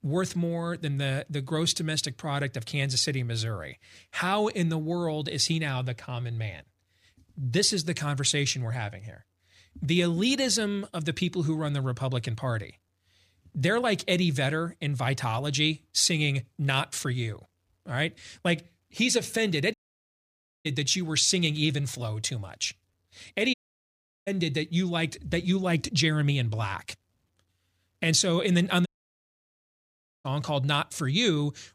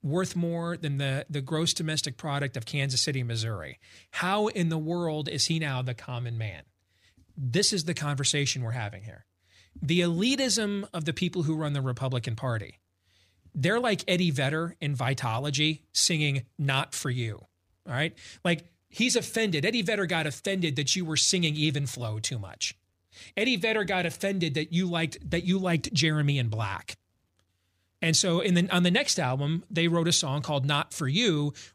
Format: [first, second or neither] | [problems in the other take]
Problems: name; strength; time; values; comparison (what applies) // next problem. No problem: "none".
second | audio cutting out; at 20 s for 1 s, at 24 s for 0.5 s and at 29 s for 1.5 s